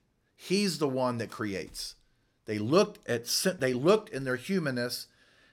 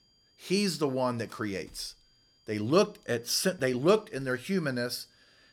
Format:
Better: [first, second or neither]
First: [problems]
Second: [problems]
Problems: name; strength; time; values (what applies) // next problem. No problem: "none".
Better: first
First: none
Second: high-pitched whine; faint; throughout; 5 kHz, 35 dB below the speech